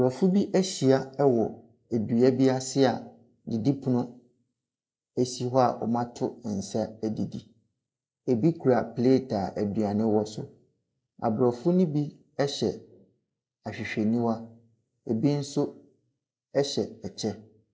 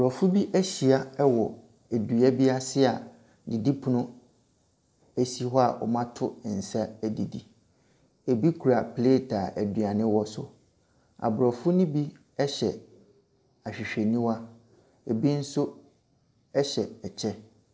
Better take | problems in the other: second | noise reduction (neural mask model Resemble Enhance denoiser)

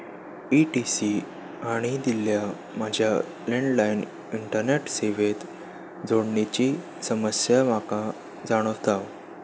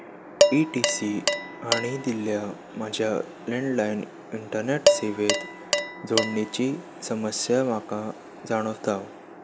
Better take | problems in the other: first | background sound (Dishes, pots, and pans); as loud as the speech

